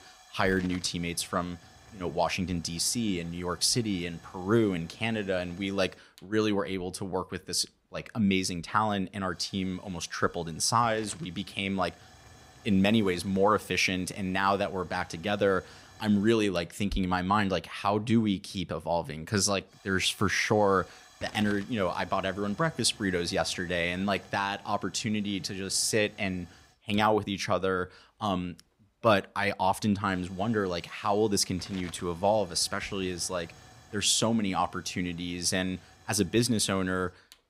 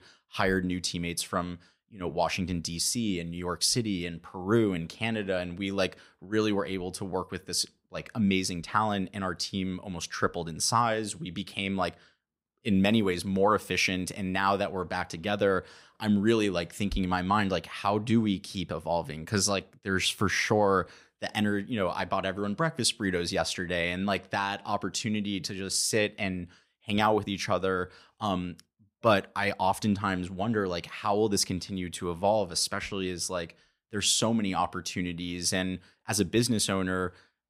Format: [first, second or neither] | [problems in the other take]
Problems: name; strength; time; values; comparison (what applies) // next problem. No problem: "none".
second | hiss; faint; throughout; 25 dB below the speech